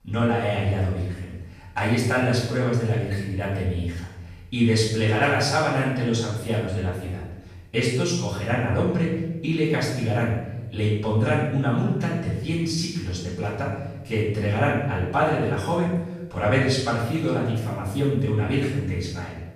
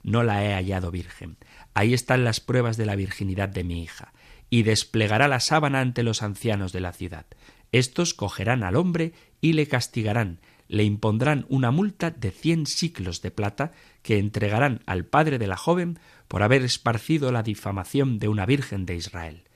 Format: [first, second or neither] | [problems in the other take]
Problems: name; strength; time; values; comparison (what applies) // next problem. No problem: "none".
second | off-mic speech; far // room echo; noticeable; dies away in 0.9 s